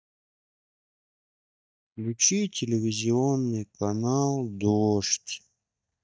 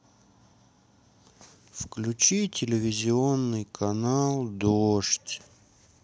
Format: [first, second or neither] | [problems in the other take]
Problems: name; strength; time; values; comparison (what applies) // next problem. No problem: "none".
second | noise reduction (neural mask model DeepFilterNet 3)